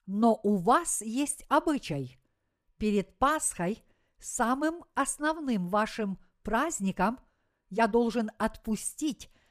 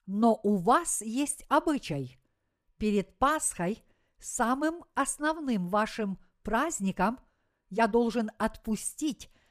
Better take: neither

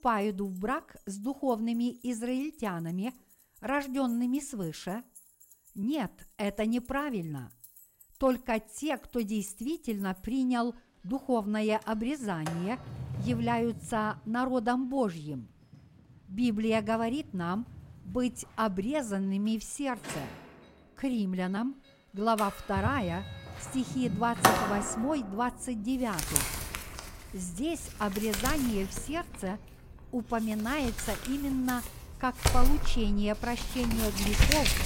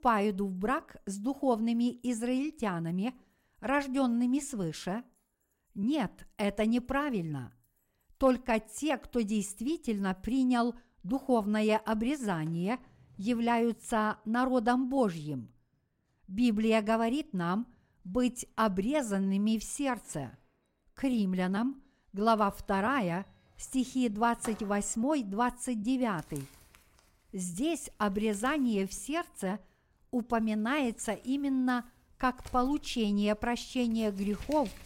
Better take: second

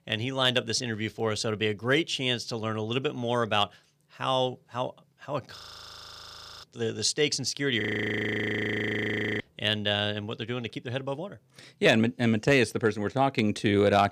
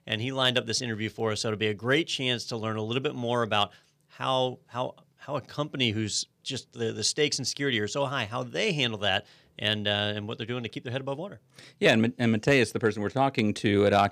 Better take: second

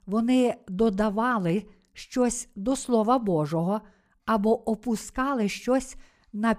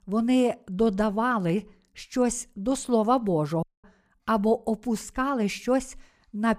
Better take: first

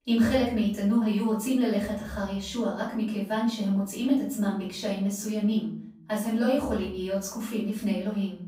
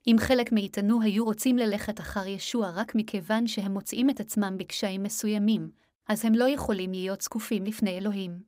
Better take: second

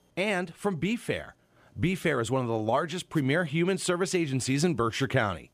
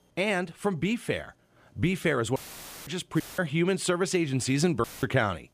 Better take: first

